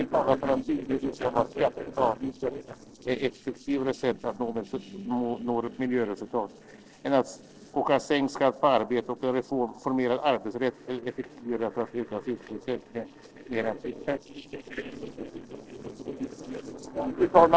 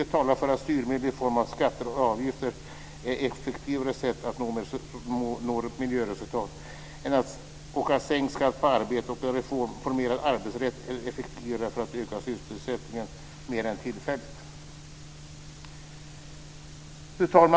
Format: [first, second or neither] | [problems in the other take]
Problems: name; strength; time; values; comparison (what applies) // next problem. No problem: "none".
second | noise reduction (neural separator model SepFormer DNS4)